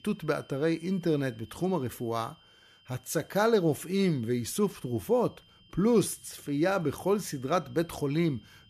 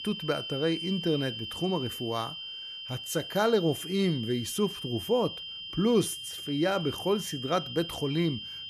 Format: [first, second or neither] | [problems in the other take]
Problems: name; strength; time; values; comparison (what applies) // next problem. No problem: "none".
first | high-pitched whine; loud; throughout; 3 kHz, 7 dB below the speech; faint in the first